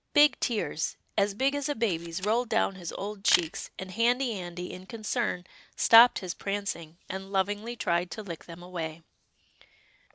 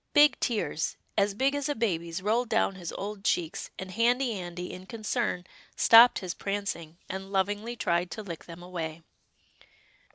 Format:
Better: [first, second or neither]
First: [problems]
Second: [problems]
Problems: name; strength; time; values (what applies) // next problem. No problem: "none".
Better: second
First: background sound (Camera); 9 dB below the speech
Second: none